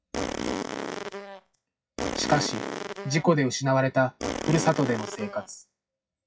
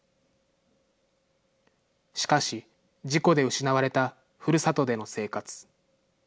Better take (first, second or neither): second